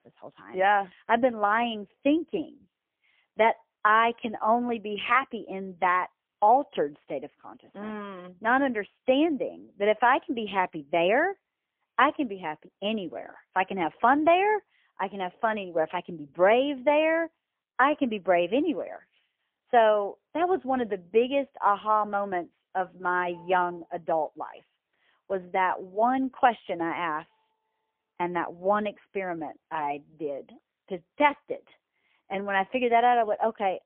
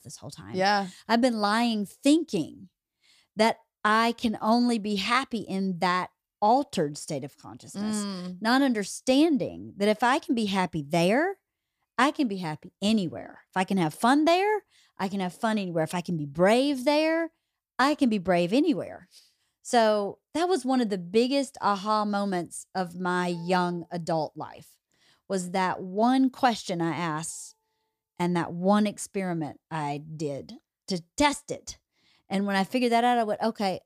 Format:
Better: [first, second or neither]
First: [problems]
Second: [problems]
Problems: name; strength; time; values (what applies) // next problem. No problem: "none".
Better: second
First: phone-call audio; poor line; nothing above 3.5 kHz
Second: none